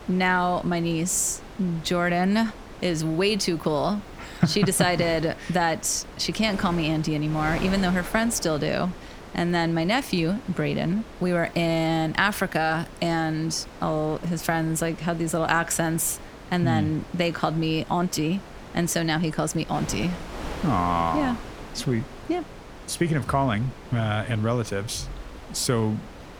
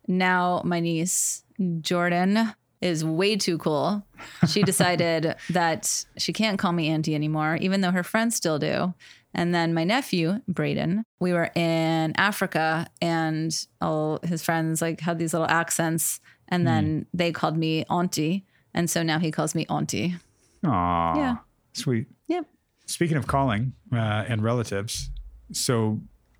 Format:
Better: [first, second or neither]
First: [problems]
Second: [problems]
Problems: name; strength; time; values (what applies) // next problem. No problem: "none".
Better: second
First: wind noise on the microphone; occasional gusts; 15 dB below the speech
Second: none